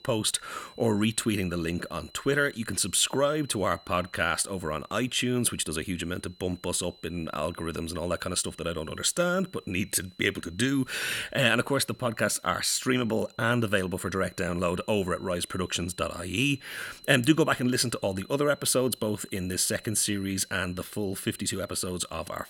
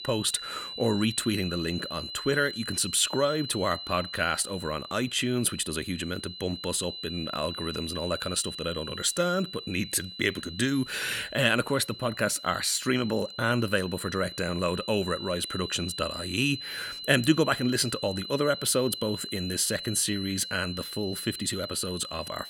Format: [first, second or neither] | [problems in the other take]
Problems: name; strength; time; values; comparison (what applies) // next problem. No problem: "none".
first | high-pitched whine; loud; throughout; 4 kHz, 9 dB below the speech; faint in the first